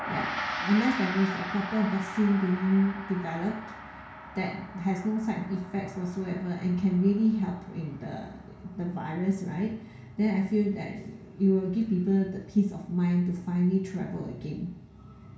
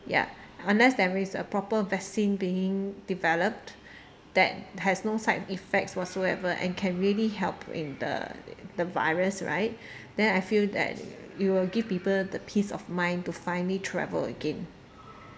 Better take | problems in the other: second | background sound (Gong); 13 dB below the speech // room echo; dies away in 0.6 s

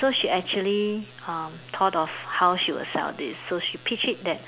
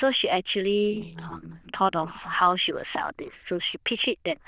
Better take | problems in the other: first | noise reduction (neural diffusion model UNIVERSE++)

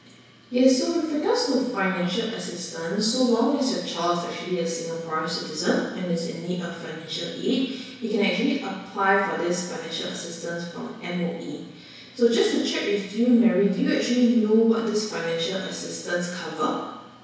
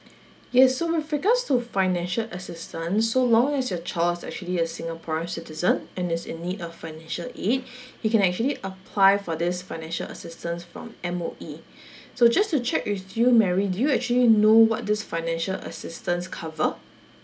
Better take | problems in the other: second | room echo; dies away in 1.1 s

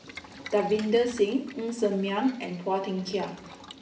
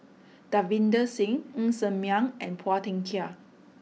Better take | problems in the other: second | background sound (Boiling); 19 dB below the speech // room echo; dies away in 0.6 s

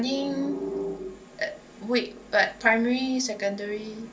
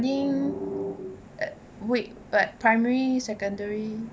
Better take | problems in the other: second | room echo; dies away in 0.2 s

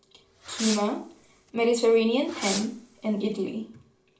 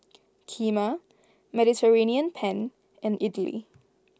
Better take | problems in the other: second | background sound (Fireworks); 12 dB below the speech // room echo; dies away in 0.4 s

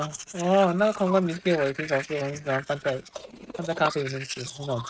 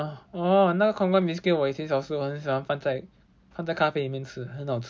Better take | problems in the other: second | noise reduction (neural mask model RNNoise)

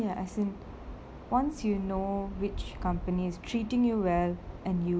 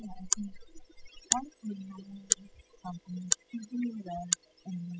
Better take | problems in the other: first | noise reduction (classical method spectral subtraction)

